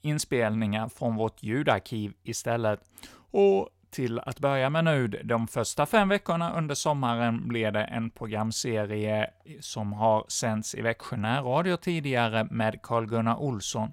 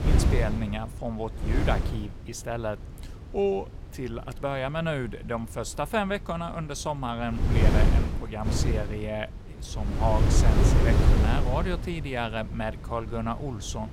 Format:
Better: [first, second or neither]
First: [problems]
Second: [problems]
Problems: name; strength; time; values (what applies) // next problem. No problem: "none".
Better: first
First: none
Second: wind noise on the microphone; heavy; 3 dB below the speech